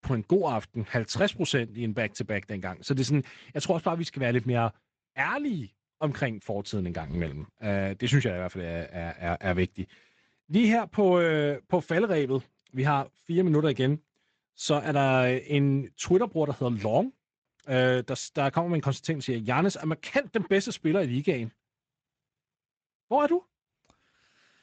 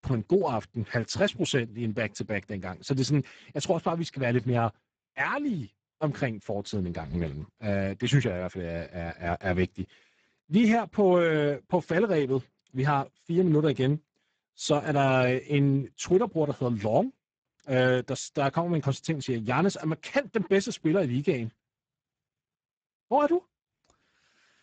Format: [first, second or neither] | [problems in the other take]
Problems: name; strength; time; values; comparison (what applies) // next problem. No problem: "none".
first | garbled, watery; badly; nothing above 8 kHz; slightly in the first